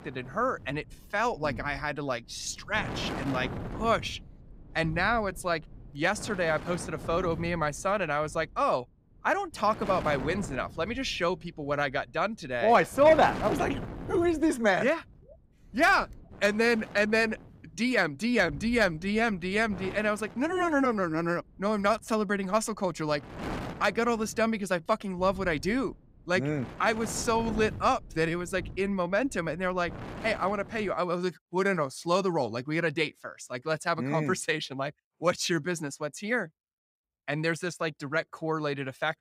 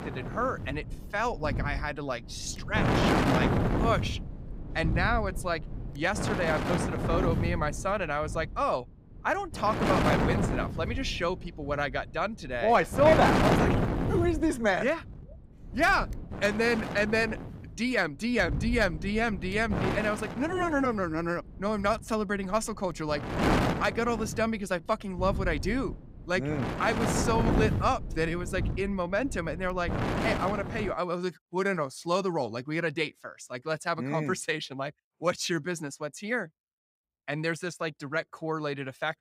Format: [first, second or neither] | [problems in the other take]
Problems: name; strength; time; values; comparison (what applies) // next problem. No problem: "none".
first | wind noise on the microphone; heavy; until 31 s; 2 dB below the speech; occasional gusts in the first